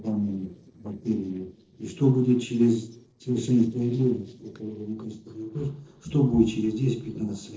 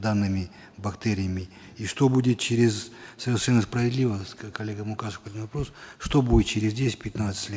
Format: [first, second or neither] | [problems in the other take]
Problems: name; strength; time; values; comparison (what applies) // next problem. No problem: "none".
second | noise reduction (neural separator model SepFormer DNS4)